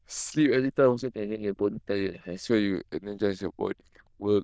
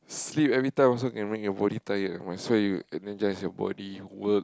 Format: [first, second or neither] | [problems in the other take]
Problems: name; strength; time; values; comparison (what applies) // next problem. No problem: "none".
second | noise reduction (neural diffusion model UNIVERSE++)